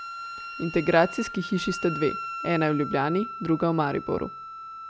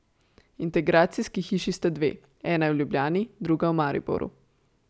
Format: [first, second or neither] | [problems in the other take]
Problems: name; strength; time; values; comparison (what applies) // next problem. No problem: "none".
second | background sound (Wind instrument, woodwind instrument); 10 dB below the speech